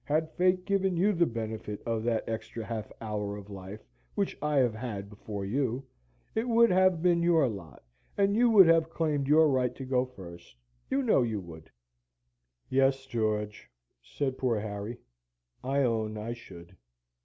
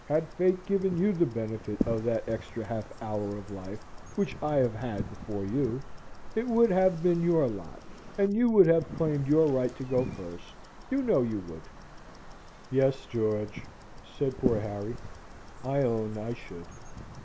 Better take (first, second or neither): first